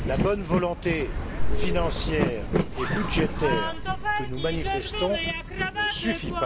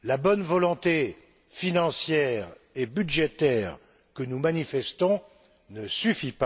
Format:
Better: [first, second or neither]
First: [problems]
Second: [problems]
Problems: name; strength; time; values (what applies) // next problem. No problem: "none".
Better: second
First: background sound (Zipper (clothing) + Train); 4 dB above the speech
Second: none